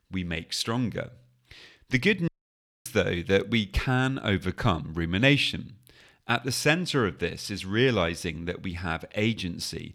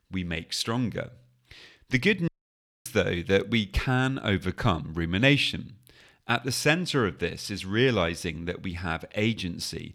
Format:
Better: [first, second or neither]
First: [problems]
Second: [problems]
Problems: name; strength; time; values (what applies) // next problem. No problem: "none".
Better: neither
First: audio cutting out; at 2.5 s for 0.5 s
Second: audio cutting out; at 2.5 s for 0.5 s